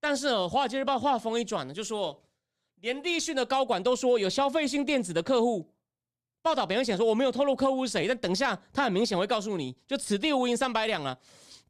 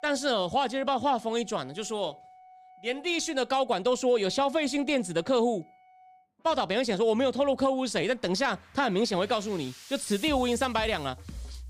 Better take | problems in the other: first | background music; faint; throughout; 20 dB below the speech

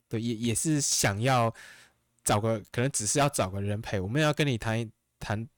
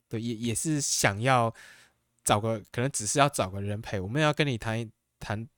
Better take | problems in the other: second | distortion; slight; 4% of the sound clipped

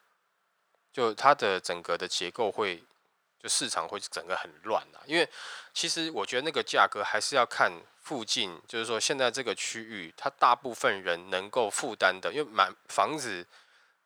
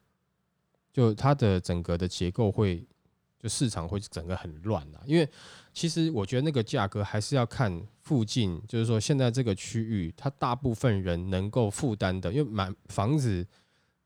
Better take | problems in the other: second | thin; very; fading below 700 Hz

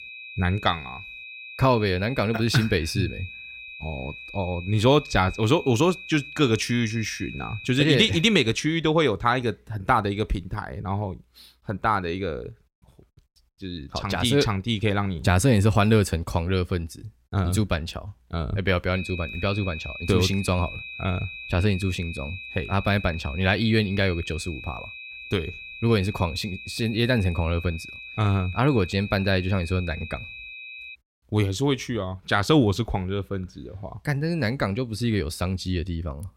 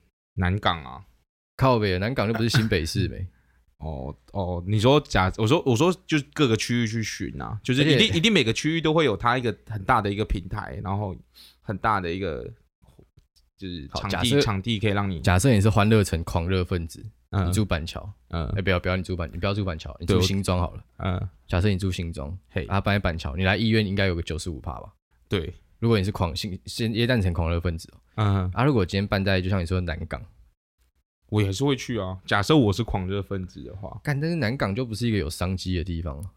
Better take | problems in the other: second | high-pitched whine; noticeable; until 8.5 s and from 19 to 31 s; 2.5 kHz, 10 dB below the speech

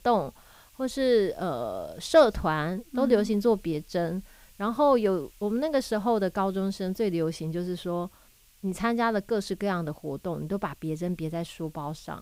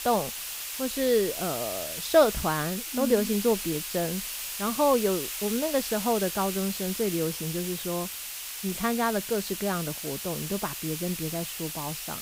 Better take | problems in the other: first | hiss; loud; throughout; 4 dB below the speech; faint in the first

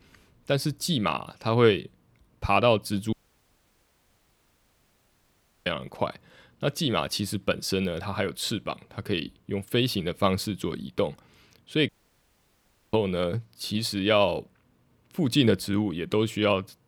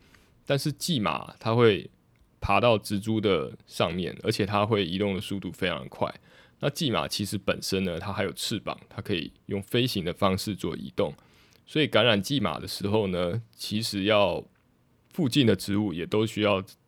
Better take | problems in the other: second | audio cutting out; at 3 s for 2.5 s and at 12 s for 1 s

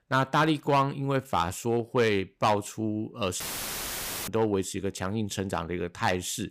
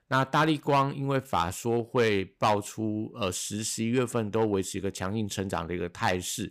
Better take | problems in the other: second | audio cutting out; filled with static; at 3.5 s for 1 s

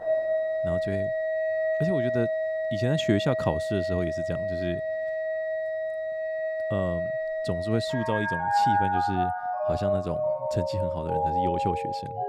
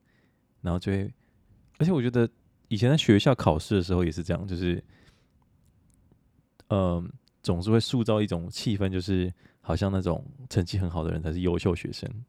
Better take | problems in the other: second | background music; very loud; throughout; 3 dB above the speech

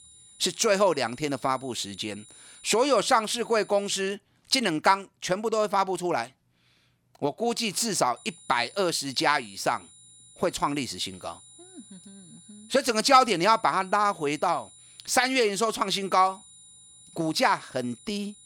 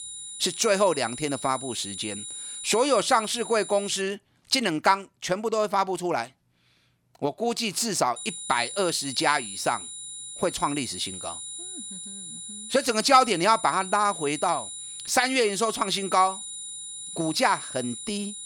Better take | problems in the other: first | high-pitched whine; loud; until 4 s and from 8 s on; 9.5 kHz, 10 dB below the speech; faint in the first

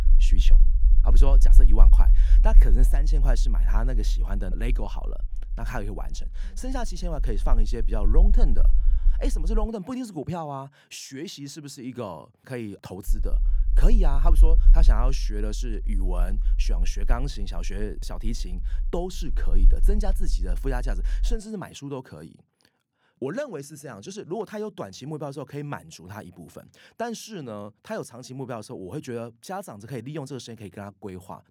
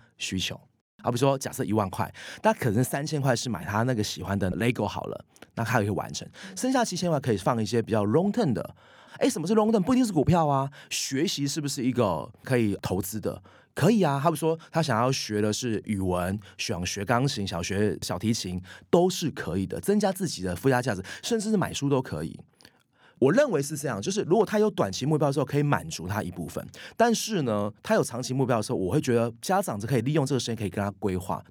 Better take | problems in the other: second | low rumble; noticeable; until 9.5 s and from 13 to 21 s; 15 dB below the speech

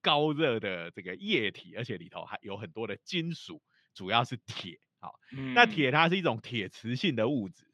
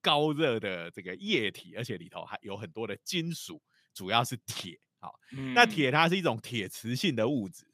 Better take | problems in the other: second | muffled; very slightly; fading above 3 kHz

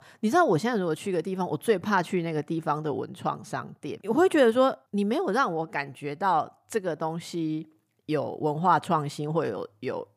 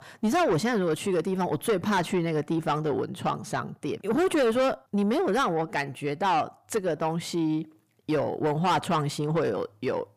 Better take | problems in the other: first | distortion; heavy; 7 dB below the speech

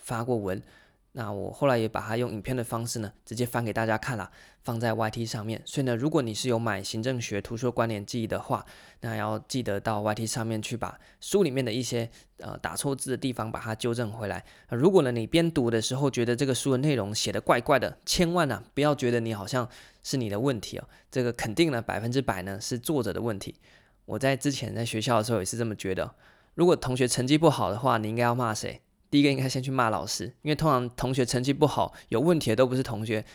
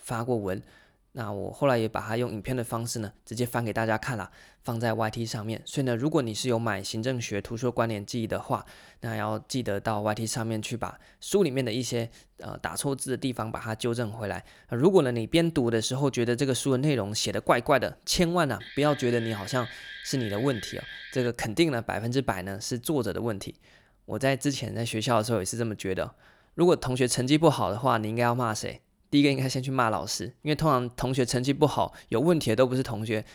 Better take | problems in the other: first | alarm; faint; from 19 to 21 s; peak 10 dB below the speech

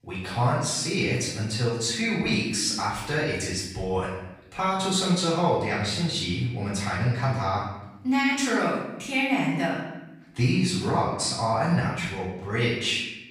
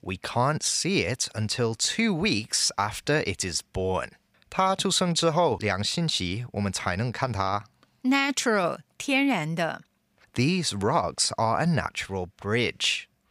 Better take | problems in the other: second | off-mic speech; far // room echo; noticeable; dies away in 0.9 s

